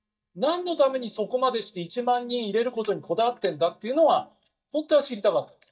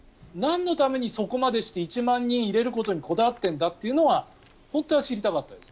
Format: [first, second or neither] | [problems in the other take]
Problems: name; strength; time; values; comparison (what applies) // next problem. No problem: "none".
second | noise reduction (neural mask model DeepFilterNet 3)